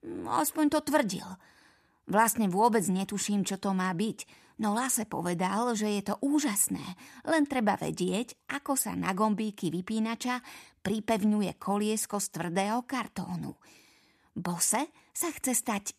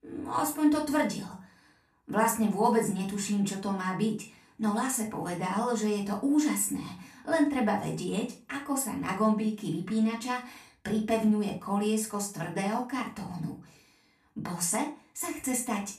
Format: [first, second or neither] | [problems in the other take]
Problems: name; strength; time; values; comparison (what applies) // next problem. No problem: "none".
first | off-mic speech; far // room echo; slight; dies away in 0.3 s